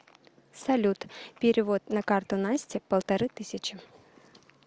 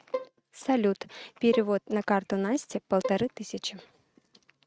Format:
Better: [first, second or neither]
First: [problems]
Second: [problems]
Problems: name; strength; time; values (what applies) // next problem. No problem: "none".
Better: first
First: none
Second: noise reduction (neural mask model RNNoise)